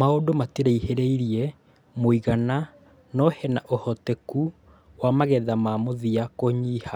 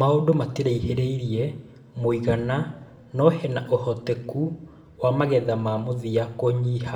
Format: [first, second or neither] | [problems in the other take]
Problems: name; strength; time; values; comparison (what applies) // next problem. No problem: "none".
first | room echo; dies away in 0.7 s